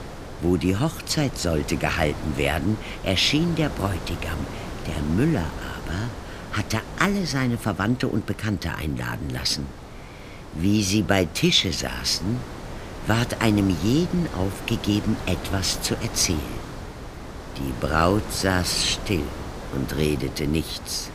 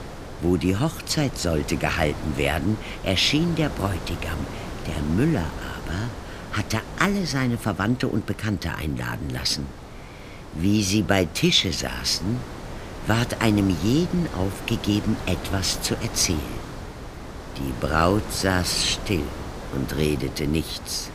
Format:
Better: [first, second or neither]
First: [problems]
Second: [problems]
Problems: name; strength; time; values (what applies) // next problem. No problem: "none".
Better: neither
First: wind noise on the microphone; occasional gusts; 10 dB below the speech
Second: wind noise on the microphone; occasional gusts; 10 dB below the speech